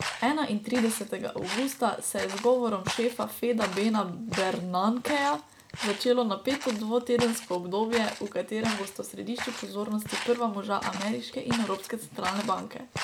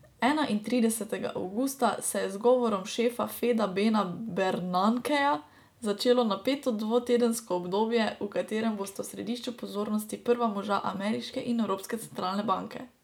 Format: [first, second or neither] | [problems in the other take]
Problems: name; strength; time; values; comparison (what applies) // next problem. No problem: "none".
second | background sound (Walk, footsteps); 10 dB below the speech